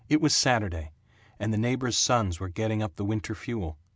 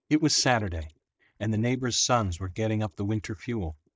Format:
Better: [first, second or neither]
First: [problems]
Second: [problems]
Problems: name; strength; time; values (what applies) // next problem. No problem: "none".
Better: first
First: none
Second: noise reduction (neural mask model DeepFilterNet 3)